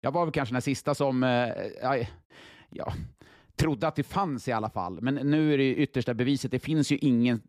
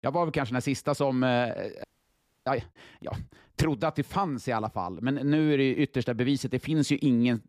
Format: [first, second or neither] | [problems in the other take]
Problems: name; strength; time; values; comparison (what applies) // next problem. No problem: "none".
first | audio freezing; at 2 s for 0.5 s